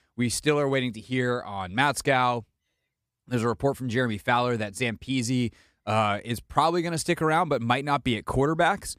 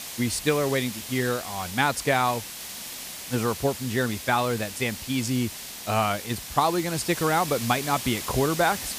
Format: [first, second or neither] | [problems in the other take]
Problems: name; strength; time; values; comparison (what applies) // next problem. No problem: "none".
first | hiss; loud; throughout; 8 dB below the speech